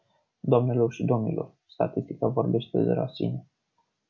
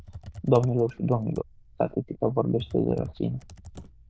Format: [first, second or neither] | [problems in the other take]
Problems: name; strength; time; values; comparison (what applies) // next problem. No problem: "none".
first | noise reduction (neural diffusion model UNIVERSE++)